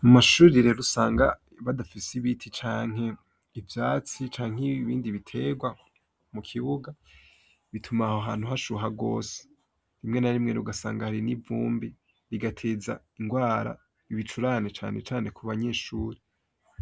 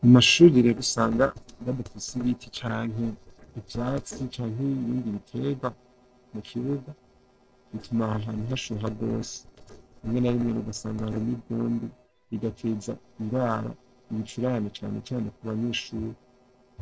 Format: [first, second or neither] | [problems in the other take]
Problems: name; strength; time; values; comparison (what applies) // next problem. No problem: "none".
first | noise reduction (neural separator model SepFormer DNS4)